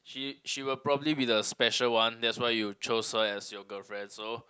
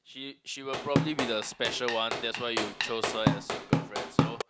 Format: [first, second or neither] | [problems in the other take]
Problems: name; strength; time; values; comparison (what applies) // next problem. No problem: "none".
first | background sound (Drum / Drum kit); 4 dB above the speech